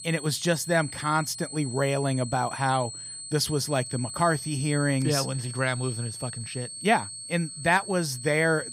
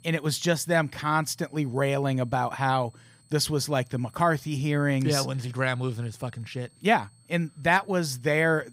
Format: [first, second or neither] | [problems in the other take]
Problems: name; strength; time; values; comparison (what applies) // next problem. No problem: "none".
second | high-pitched whine; loud; throughout; 8 kHz, 9 dB below the speech; faint in the second